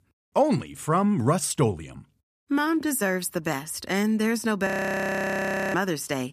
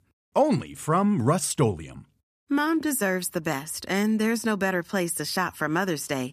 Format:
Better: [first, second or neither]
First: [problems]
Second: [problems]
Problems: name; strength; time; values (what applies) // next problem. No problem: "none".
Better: second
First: audio freezing; at 4.5 s for 1 s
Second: none